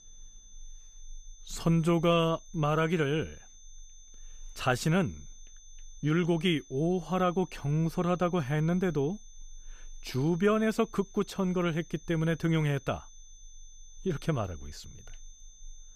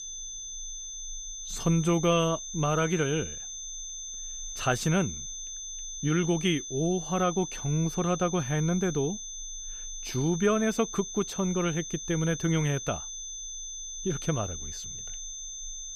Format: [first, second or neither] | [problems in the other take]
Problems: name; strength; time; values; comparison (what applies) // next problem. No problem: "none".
first | high-pitched whine; loud; throughout; 6 kHz, 8 dB below the speech; faint in the first